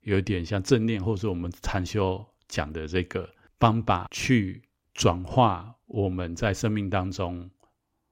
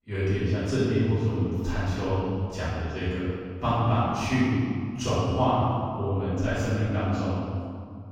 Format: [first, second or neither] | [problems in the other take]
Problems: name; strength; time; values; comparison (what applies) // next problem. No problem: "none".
first | off-mic speech; far // room echo; strong; dies away in 2 s